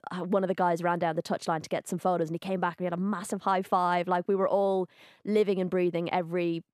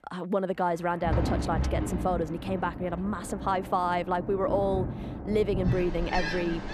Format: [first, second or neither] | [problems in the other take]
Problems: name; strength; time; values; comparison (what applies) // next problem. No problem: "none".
first | rain or running water; loud; throughout; 4 dB below the speech